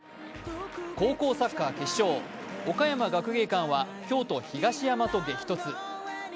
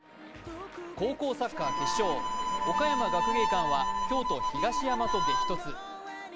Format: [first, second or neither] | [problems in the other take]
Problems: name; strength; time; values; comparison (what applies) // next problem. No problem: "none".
first | background sound (Harmonica); 2 dB above the speech